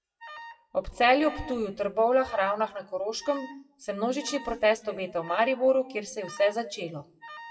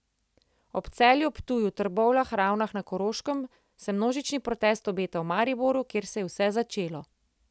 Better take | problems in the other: second | noise reduction (classical method WPE with log-MMSE)

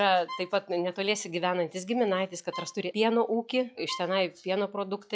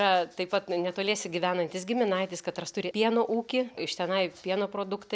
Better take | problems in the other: second | noise reduction (classical method log-MMSE)

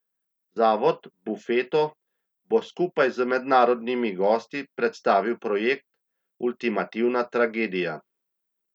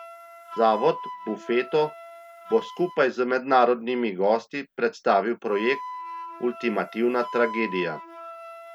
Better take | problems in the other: first | background sound (Wind instrument, woodwind instrument); 14 dB below the speech

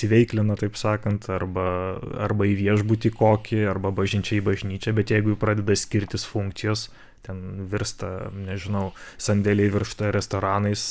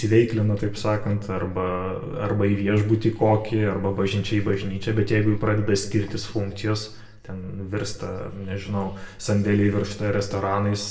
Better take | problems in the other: first | room echo; dies away in 0.6 s

